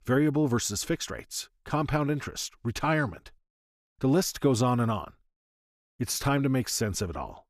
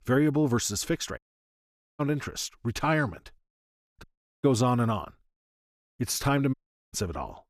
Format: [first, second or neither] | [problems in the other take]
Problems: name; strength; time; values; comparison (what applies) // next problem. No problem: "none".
first | audio cutting out; at 1 s for 1 s, at 4 s and at 6.5 s